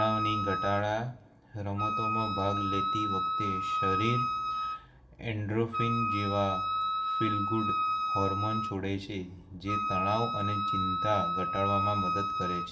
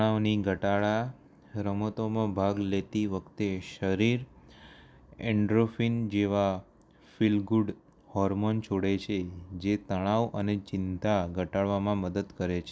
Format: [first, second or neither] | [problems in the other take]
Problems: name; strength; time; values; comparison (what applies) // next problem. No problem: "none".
second | background sound (Wind instrument, woodwind instrument); 1 dB above the speech // room echo; dies away in 0.7 s